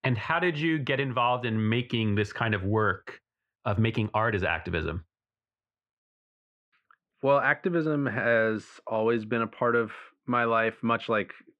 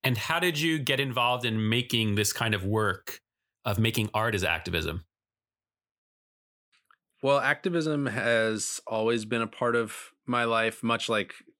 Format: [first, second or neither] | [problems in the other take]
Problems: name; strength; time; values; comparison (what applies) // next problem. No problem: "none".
second | muffled; very; fading above 2 kHz